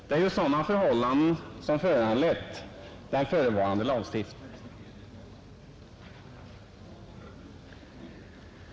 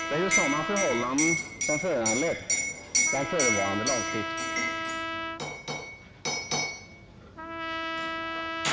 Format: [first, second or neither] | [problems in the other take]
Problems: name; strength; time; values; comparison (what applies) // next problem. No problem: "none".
first | background sound (Liquid + Trumpet); 2 dB above the speech